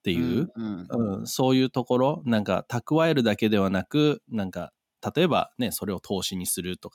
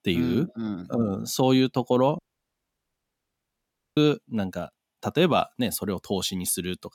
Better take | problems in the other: first | audio cutting out; at 2 s for 2 s

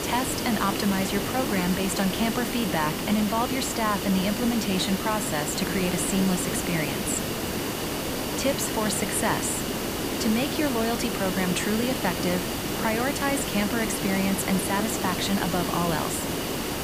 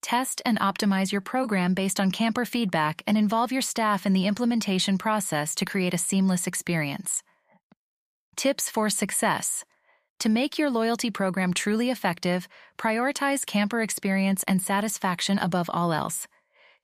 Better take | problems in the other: second | hiss; loud; throughout; 1 dB below the speech

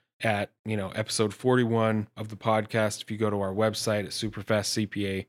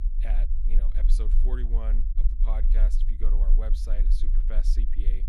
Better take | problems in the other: first | low rumble; loud; throughout; 7 dB below the speech

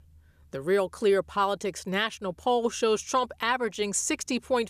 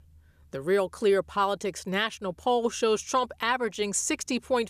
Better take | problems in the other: neither | none

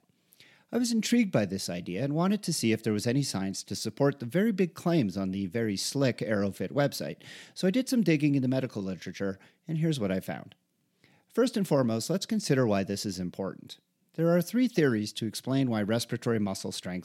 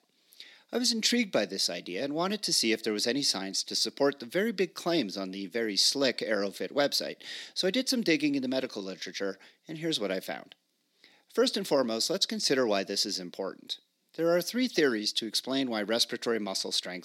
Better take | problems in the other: first | thin; very slightly; fading below 300 Hz

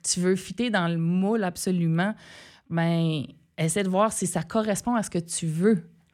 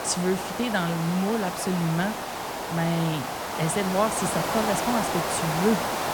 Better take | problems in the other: first | hiss; loud; throughout; 2 dB below the speech

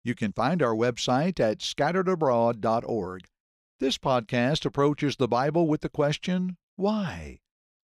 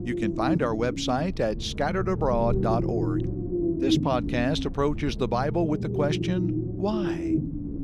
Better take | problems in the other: first | low rumble; loud; throughout; 6 dB below the speech

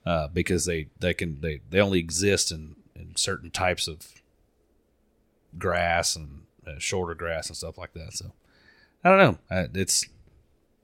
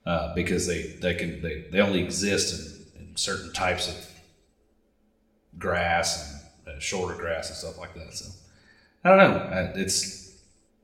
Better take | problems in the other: first | room echo; slight; dies away in 0.8 s // off-mic speech; somewhat distant

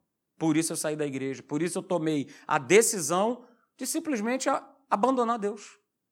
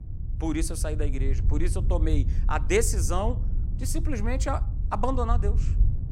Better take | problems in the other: first | wind noise on the microphone; occasional gusts; 15 dB below the speech

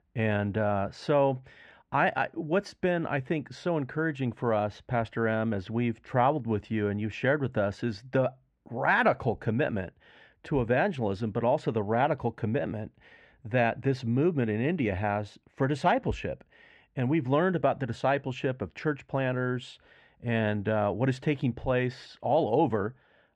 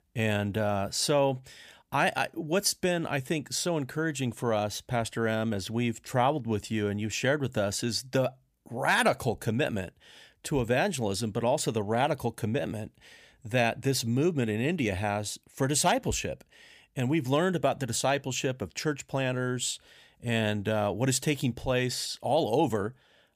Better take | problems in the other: second | muffled; very; fading above 2 kHz

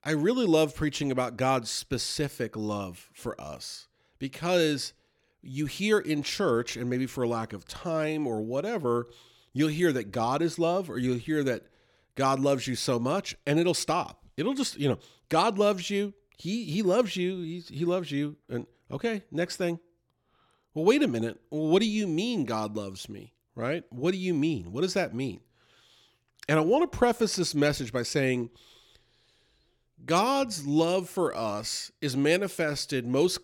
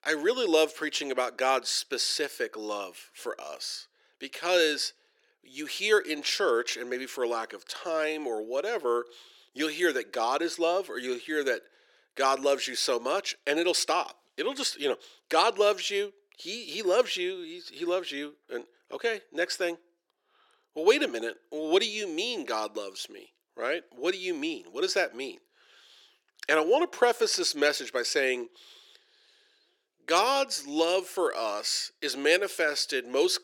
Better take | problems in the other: first | thin; somewhat; fading below 400 Hz

